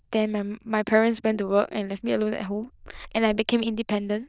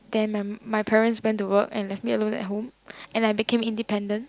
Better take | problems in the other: second | noise reduction (neural diffusion model UNIVERSE++)

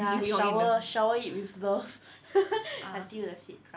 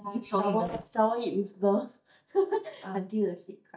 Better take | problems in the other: first | noise reduction (neural mask model DeepFilterNet 3)

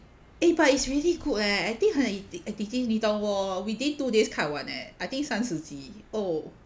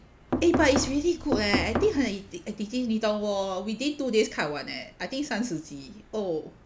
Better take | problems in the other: first | background sound (Knock); 1 dB below the speech

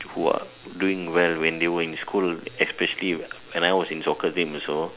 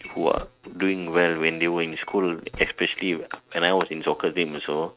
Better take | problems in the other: first | noise reduction (neural mask model RNNoise)

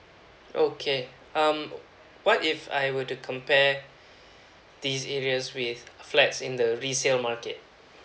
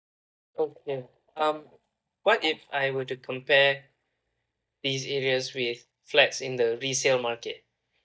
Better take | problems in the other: first | noise reduction (neural mask model DeepFilterNet 3)

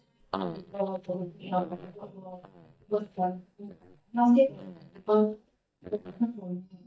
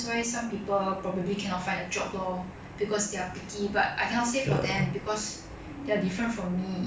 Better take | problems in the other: second | noise reduction (neural mask model DeepFilterNet 3)

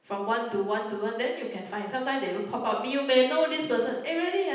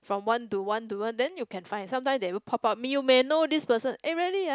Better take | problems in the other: second | room echo; dies away in 0.9 s

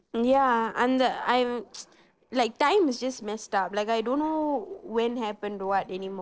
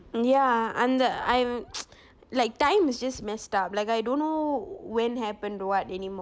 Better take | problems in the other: second | noise reduction (neural separator model SepFormer DNS4)

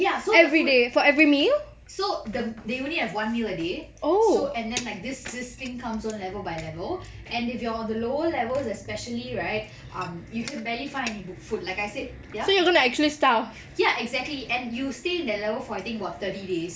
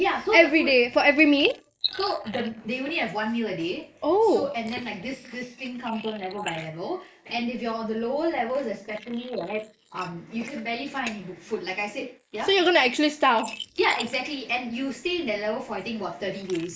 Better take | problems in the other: first | noise reduction (neural mask model Resemble Enhance denoiser)

